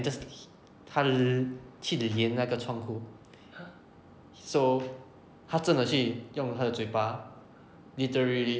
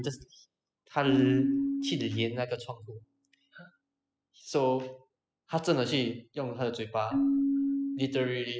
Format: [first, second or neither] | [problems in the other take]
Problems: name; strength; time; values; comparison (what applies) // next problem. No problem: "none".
first | noise reduction (classical method spectral subtraction)